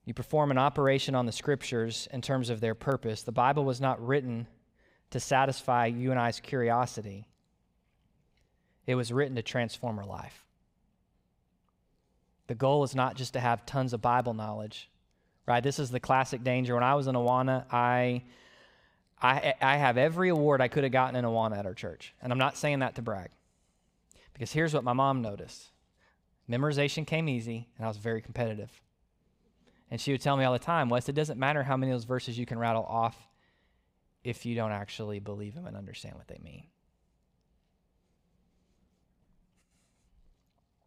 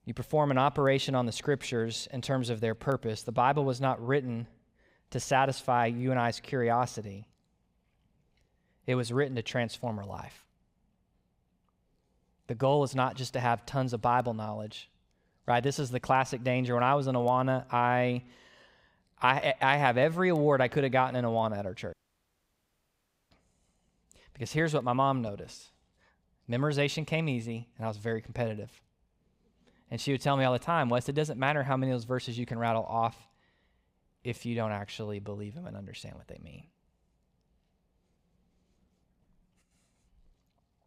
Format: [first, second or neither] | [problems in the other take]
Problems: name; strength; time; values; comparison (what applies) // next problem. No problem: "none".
first | audio cutting out; at 22 s for 1.5 s